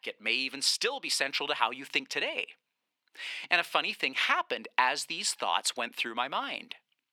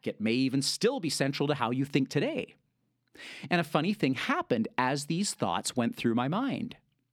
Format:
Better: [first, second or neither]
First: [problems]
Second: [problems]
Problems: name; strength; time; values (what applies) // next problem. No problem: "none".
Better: second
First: thin; very; fading below 700 Hz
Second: none